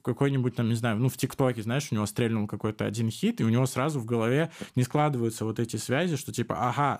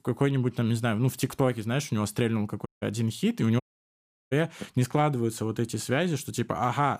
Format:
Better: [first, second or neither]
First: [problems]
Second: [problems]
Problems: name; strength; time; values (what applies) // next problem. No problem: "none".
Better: first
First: none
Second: audio cutting out; at 2.5 s and at 3.5 s for 0.5 s